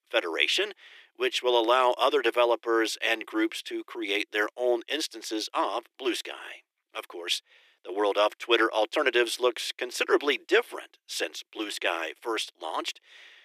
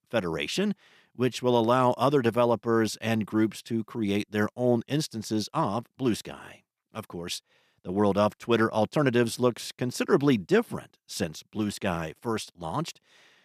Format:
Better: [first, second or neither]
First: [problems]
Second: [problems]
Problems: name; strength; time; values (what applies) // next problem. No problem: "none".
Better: second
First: thin; very; fading below 350 Hz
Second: none